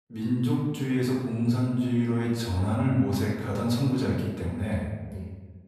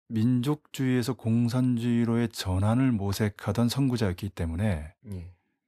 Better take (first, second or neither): second